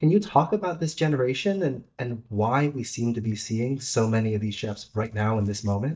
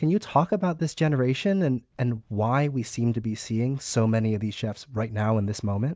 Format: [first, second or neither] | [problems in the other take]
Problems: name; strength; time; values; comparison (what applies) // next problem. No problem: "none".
second | noise reduction (neural mask model DeepFilterNet 3)